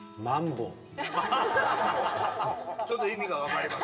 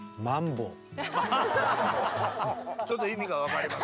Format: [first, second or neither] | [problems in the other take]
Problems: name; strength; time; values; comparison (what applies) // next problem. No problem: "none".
second | room echo; dies away in 1.4 s